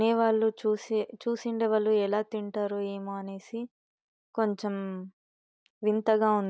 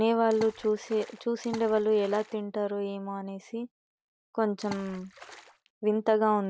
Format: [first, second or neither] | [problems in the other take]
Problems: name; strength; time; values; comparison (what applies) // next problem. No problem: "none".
first | background sound (Water / Splash, splatter); 17 dB below the speech